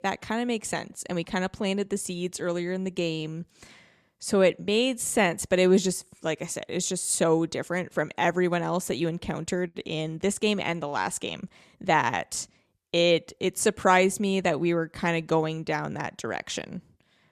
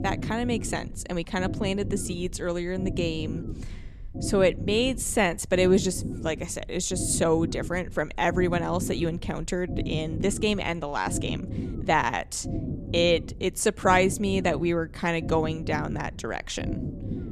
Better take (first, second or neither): first